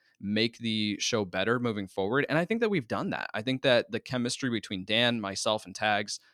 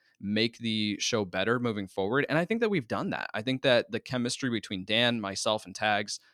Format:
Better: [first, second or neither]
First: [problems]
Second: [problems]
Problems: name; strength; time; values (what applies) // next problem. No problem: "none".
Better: neither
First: none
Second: none